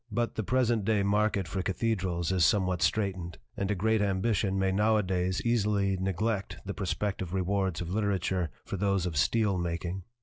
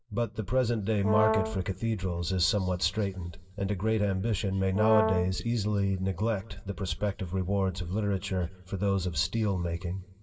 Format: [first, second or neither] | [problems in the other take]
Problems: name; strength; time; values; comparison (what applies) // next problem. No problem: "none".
first | background sound (Brass instrument); 1 dB below the speech // room echo; dies away in 1.6 s